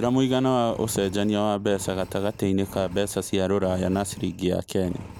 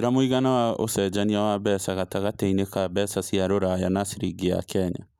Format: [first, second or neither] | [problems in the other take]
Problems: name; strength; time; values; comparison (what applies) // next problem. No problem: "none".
second | background sound (Engine); 19 dB below the speech